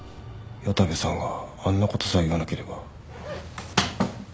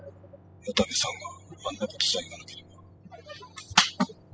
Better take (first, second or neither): first